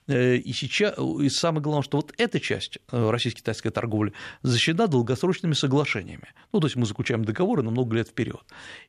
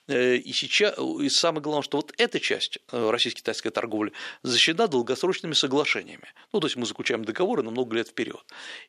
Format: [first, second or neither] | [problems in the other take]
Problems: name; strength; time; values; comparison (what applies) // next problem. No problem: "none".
first | thin; somewhat; fading below 350 Hz